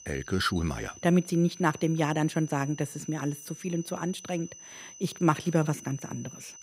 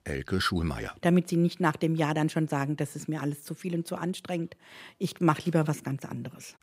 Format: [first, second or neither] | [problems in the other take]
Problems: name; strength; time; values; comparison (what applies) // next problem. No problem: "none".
second | high-pitched whine; noticeable; throughout; 6 kHz, 15 dB below the speech